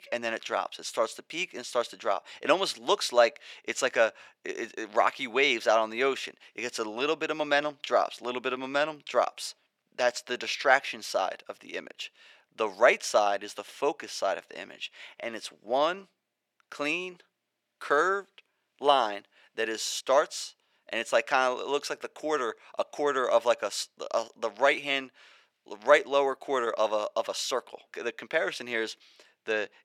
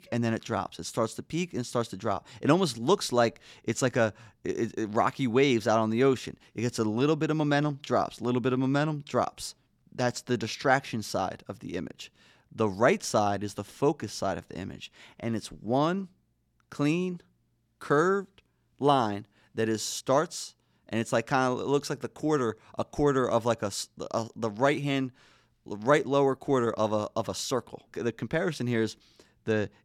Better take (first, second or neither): second